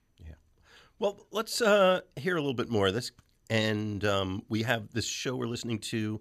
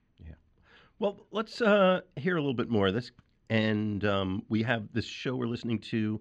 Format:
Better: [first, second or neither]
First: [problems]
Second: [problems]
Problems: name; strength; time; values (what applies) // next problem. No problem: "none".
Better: first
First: none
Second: muffled; slightly; fading above 3 kHz